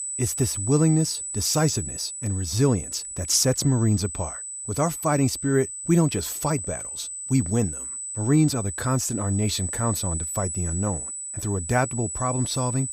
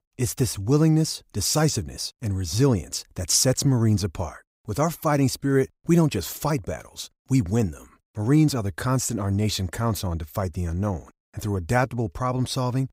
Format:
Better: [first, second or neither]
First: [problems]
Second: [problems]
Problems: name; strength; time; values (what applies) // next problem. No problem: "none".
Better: second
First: high-pitched whine; loud; throughout; 8 kHz, 6 dB below the speech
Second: none